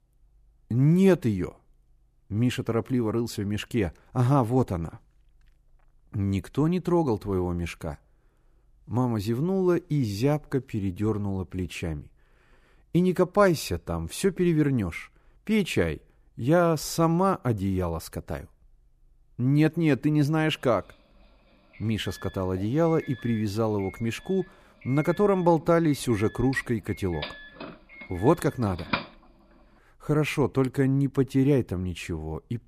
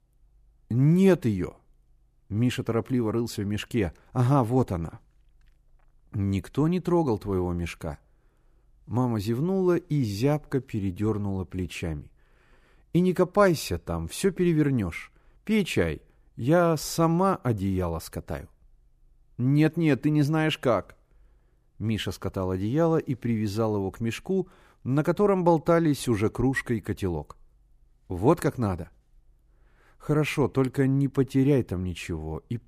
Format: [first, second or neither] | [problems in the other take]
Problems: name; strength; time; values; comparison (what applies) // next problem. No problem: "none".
second | doorbell; noticeable; from 27 to 29 s; peak 5 dB below the speech